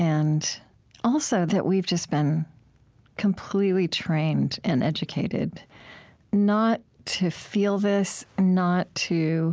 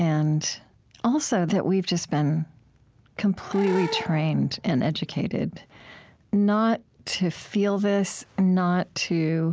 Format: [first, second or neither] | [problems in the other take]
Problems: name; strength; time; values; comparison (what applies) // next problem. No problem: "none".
first | background sound (Animal / Brass instrument); 13 dB below the speech